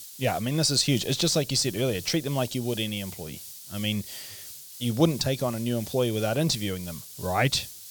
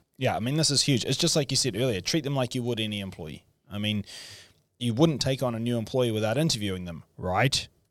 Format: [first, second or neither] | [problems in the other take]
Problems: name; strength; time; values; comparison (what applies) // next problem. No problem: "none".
second | hiss; noticeable; throughout; 15 dB below the speech